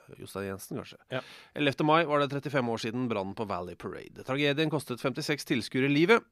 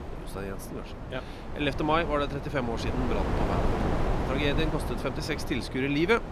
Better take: first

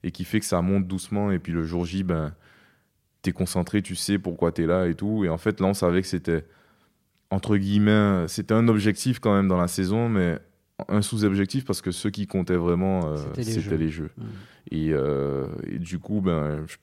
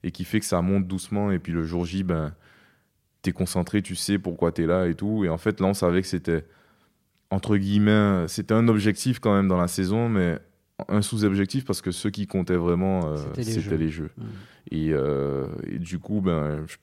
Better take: neither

